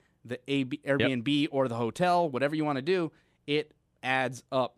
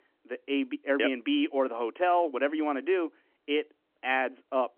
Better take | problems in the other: first | phone-call audio; nothing above 3 kHz

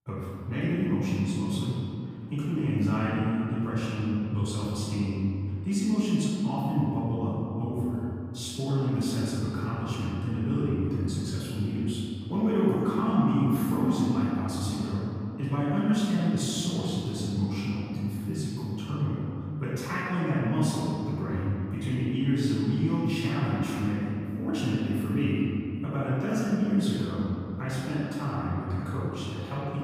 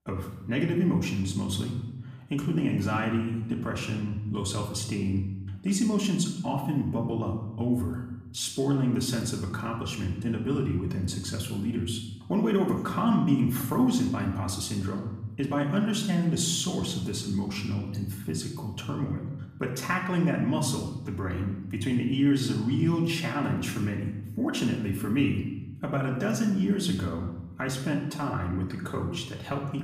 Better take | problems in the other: second | room echo; strong; dies away in 2.7 s; slight in the second // off-mic speech; far; far in the second

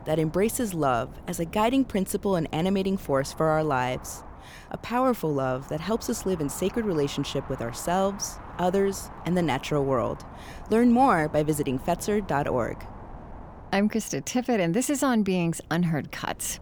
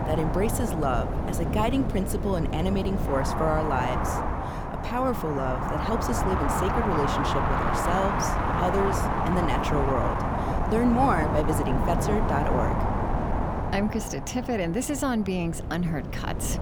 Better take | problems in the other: first | wind noise on the microphone; heavy; 1 dB above the speech; occasional gusts in the first

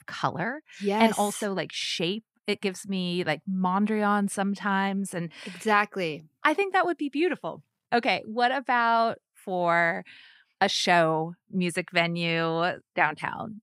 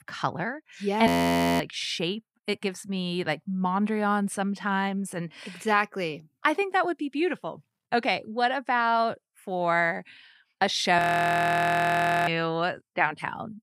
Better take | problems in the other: first | audio freezing; at 1 s for 0.5 s and at 11 s for 1.5 s

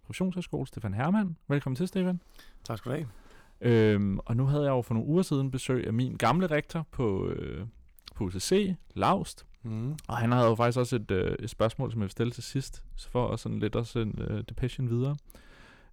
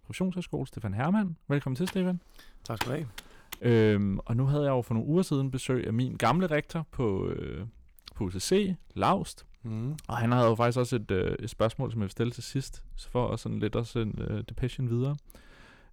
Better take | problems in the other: first | keyboard typing; noticeable; from 2 to 3.5 s; peak 7 dB below the speech

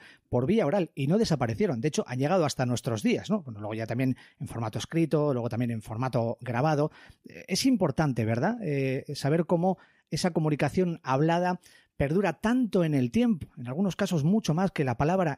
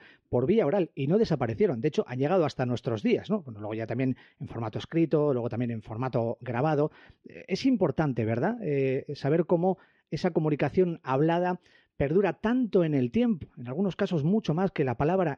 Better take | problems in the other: first | muffled; slightly; fading above 4 kHz

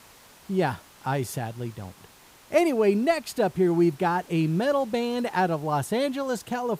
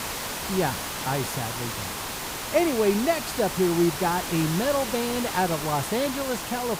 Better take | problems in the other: first | hiss; loud; throughout; 4 dB below the speech; faint in the first

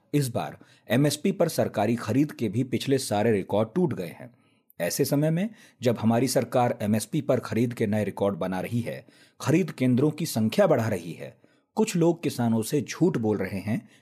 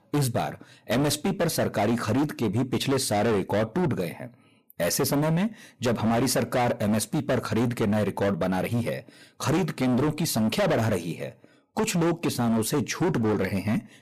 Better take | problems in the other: first | distortion; heavy; 21% of the sound clipped

